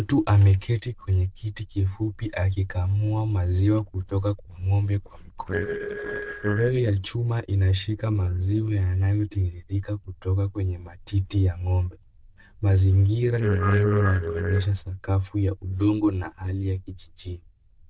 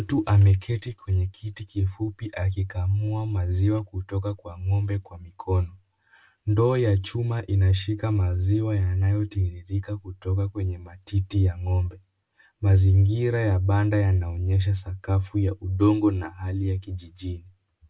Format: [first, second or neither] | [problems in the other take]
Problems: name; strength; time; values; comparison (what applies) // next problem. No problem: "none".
second | noise reduction (neural diffusion model UNIVERSE++)